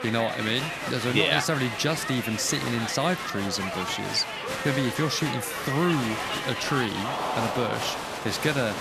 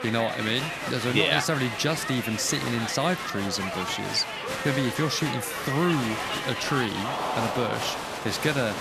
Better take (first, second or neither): neither